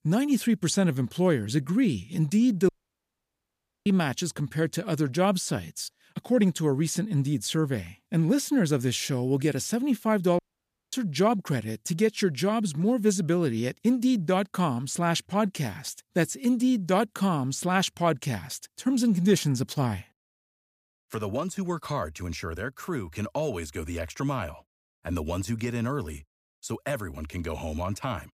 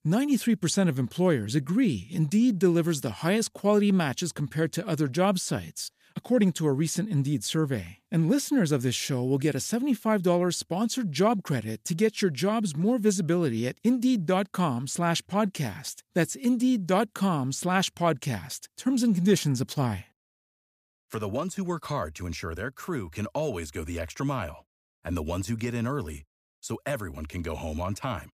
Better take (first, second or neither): second